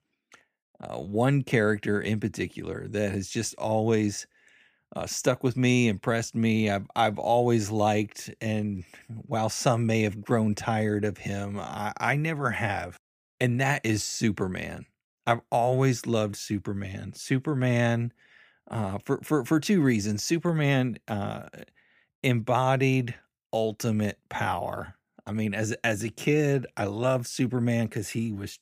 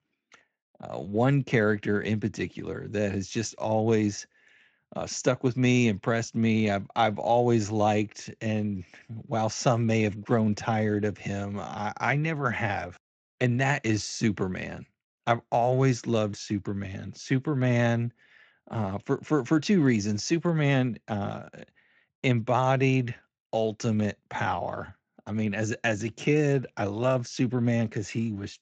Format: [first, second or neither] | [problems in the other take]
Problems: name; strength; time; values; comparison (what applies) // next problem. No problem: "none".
first | garbled, watery; slightly; nothing above 7.5 kHz